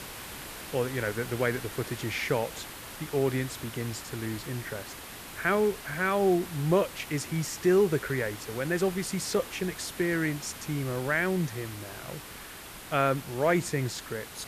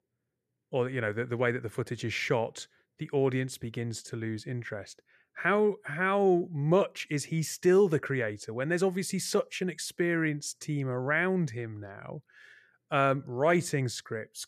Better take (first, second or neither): second